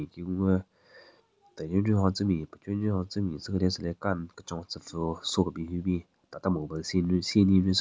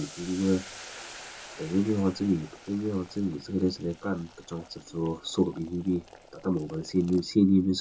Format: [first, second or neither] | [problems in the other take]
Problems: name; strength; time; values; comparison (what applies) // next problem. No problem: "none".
first | background sound (Boiling); 19 dB below the speech // room echo; dies away in 0.2 s